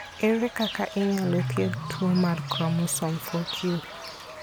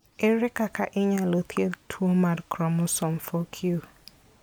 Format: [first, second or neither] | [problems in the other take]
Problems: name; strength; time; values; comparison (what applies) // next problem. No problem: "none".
second | background sound (Bird / Fowl); 8 dB below the speech